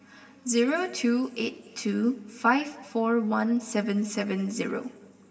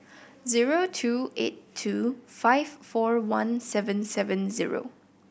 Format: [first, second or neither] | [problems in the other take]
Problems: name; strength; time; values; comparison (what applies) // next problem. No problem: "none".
second | room echo; dies away in 2.3 s